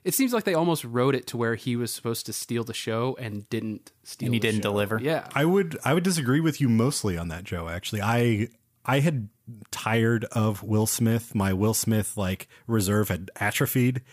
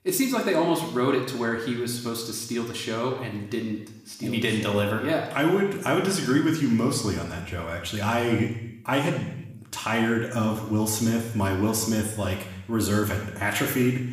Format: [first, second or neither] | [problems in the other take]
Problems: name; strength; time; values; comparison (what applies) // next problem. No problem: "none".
first | room echo; noticeable; dies away in 0.9 s // off-mic speech; somewhat distant